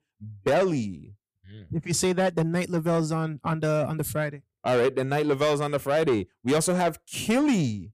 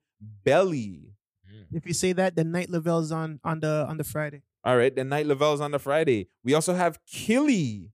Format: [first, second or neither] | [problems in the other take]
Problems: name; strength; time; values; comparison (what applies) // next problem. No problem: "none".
second | distortion; slight; 10 dB below the speech